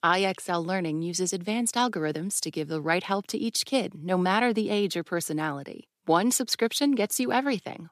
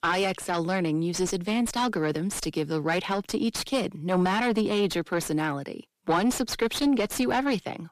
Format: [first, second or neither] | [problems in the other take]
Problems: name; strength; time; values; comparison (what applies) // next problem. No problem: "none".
first | distortion; heavy; 7 dB below the speech